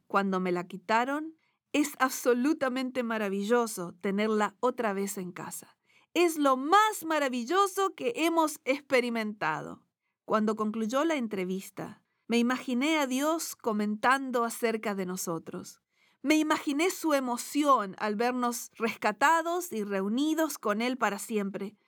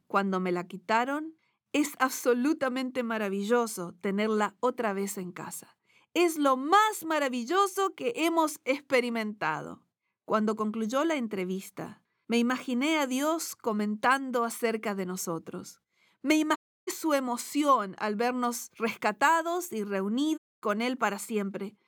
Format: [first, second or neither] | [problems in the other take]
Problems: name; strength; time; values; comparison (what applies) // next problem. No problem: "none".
first | audio cutting out; at 17 s and at 20 s